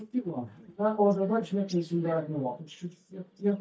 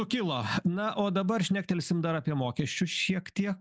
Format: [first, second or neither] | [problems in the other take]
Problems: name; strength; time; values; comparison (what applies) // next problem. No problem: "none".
second | noise reduction (neural mask model DeepFilterNet 3)